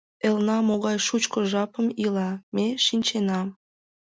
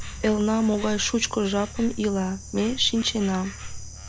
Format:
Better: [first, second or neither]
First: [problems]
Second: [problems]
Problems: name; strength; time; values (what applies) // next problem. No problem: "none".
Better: first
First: none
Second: background sound (Insect); 11 dB below the speech